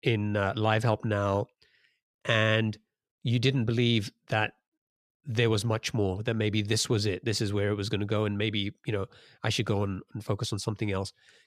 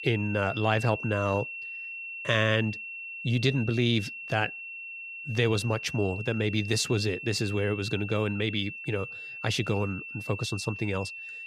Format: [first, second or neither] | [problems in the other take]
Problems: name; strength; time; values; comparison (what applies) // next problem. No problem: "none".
first | high-pitched whine; loud; throughout; 2.5 kHz, 8 dB below the speech